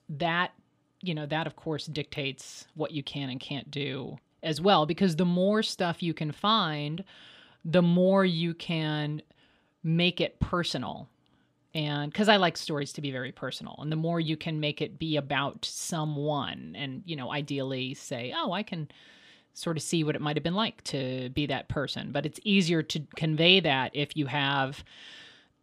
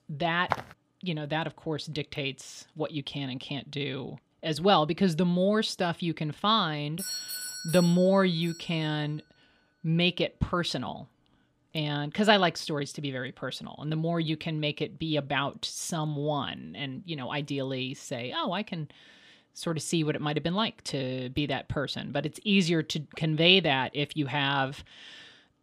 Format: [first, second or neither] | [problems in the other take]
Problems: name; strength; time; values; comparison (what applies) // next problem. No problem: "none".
first | footsteps; noticeable; at 0.5 s; peak 5 dB below the speech // doorbell; noticeable; from 7 to 8.5 s; peak 4 dB below the speech